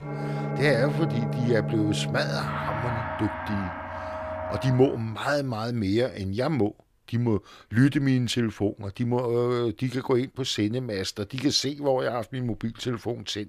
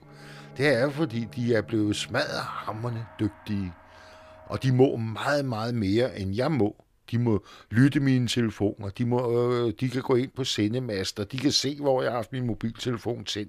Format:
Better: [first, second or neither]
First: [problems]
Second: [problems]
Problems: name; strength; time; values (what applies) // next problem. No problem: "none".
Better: second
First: background music; loud; until 5 s; 4 dB below the speech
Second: background music; faint; until 5 s; 20 dB below the speech